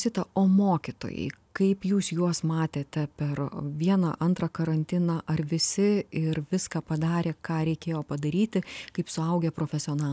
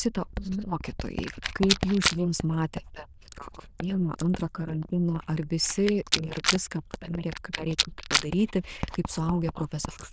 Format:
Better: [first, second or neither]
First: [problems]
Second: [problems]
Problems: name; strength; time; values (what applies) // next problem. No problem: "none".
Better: first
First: none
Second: noise reduction (neural diffusion model UNIVERSE++)